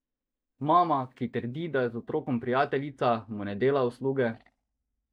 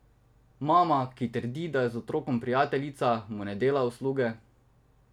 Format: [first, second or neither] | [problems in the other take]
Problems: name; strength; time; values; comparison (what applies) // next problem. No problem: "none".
second | noise reduction (neural mask model DeepFilterNet 3)